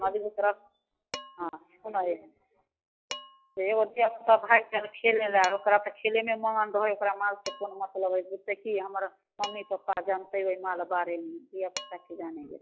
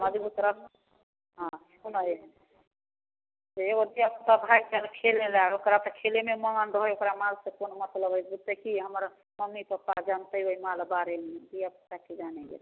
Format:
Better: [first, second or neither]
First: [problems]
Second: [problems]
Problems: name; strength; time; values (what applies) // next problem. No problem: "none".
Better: second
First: noise reduction (classical method log-MMSE)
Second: none